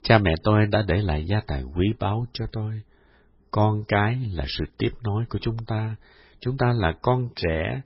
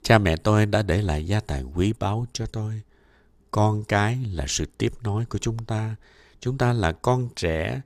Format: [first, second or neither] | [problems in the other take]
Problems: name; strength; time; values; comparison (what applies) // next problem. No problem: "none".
second | garbled, watery; badly; nothing above 5.5 kHz